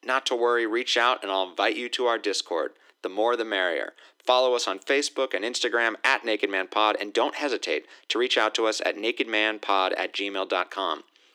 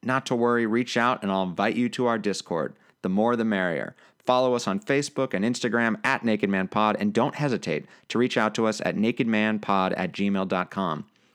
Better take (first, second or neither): second